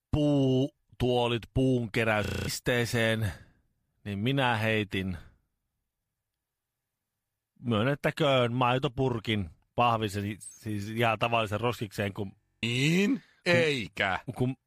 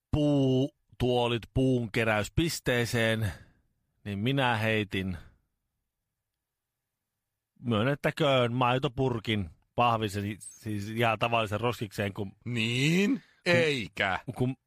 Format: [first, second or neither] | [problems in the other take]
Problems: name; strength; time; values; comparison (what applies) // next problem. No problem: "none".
second | audio freezing; at 2.5 s and at 12 s